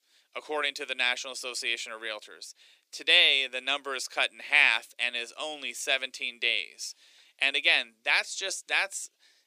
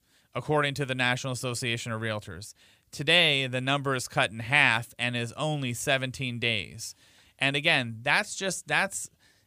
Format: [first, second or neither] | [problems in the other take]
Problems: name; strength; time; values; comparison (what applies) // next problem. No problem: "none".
second | thin; very; fading below 350 Hz